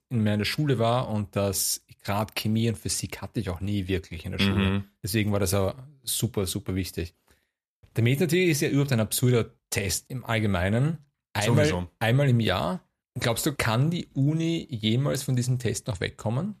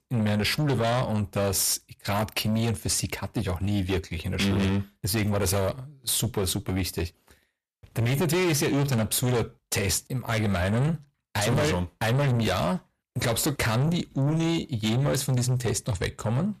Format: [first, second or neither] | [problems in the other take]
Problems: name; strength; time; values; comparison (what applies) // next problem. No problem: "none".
first | distortion; heavy; 7 dB below the speech